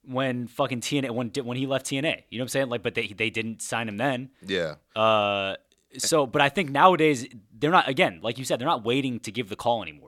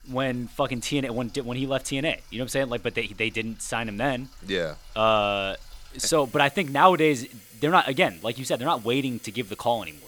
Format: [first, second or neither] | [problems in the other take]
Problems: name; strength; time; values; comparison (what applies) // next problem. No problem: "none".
first | household noises; faint; throughout; 25 dB below the speech